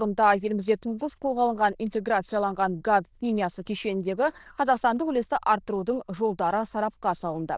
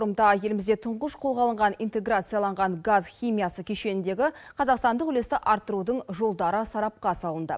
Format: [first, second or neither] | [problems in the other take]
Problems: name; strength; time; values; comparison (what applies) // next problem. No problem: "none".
second | noise reduction (neural diffusion model UNIVERSE++)